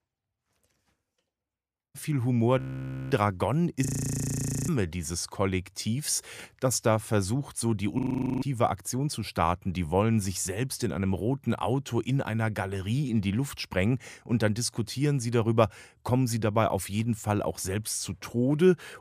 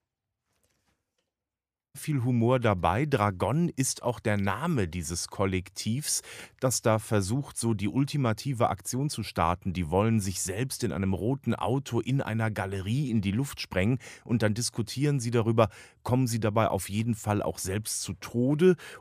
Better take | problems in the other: second | audio freezing; at 2.5 s for 0.5 s, at 4 s for 1 s and at 8 s

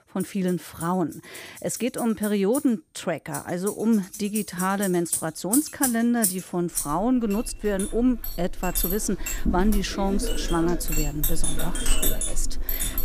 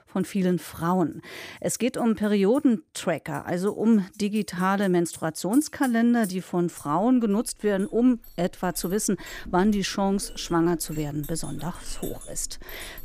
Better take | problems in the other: second | household noises; loud; throughout; 3 dB below the speech; faint in the second

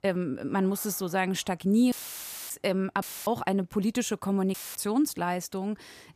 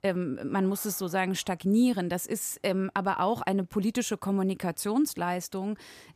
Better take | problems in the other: second | audio cutting out; filled with static; at 2 s for 0.5 s, at 3 s and at 4.5 s

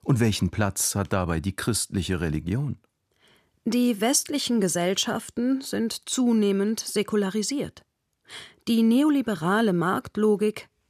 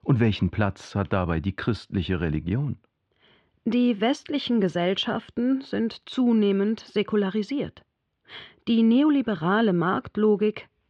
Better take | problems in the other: first | muffled; very; fading above 3.5 kHz

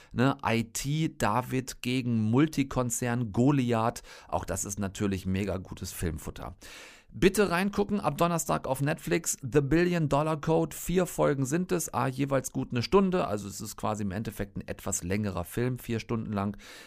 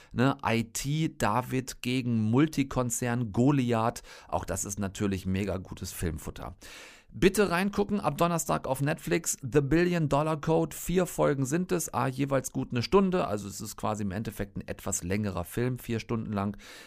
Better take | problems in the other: neither | none

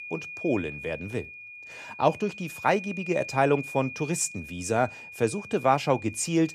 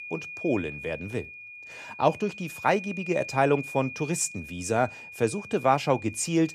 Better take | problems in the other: neither | high-pitched whine; noticeable; throughout; 2.5 kHz, 10 dB below the speech; the same in both

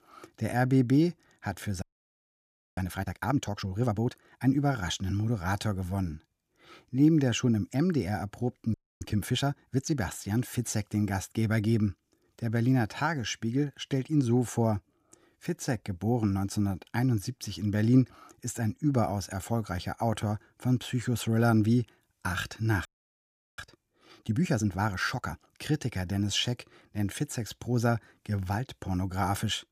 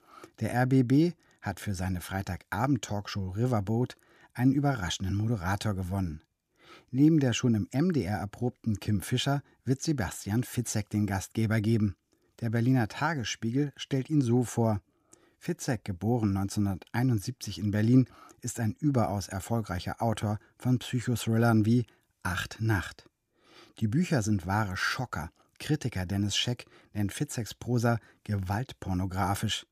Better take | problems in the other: second | audio freezing; at 2 s for 1 s, at 8.5 s and at 23 s for 0.5 s

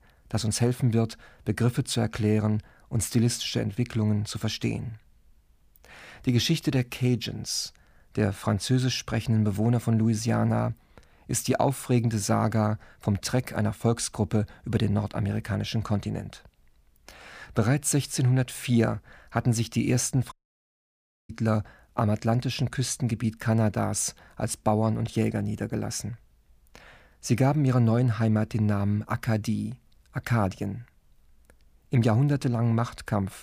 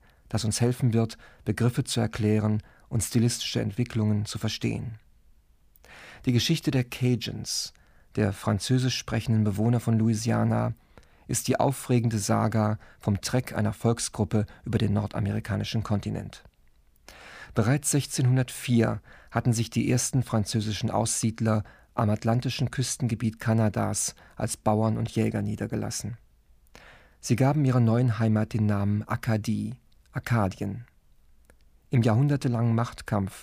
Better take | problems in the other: second | audio cutting out; at 20 s for 1 s

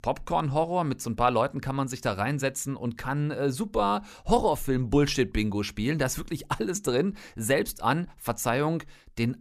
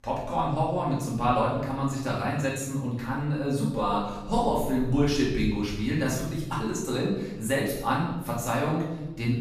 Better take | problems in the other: first | off-mic speech; far // room echo; noticeable; dies away in 1 s

